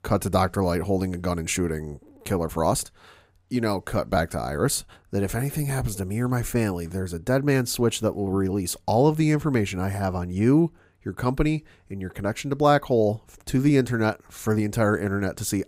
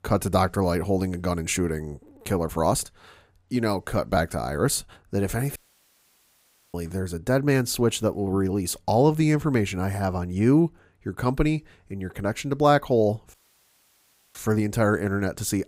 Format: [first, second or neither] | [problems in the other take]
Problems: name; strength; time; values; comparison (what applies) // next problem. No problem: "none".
first | audio cutting out; at 5.5 s for 1 s and at 13 s for 1 s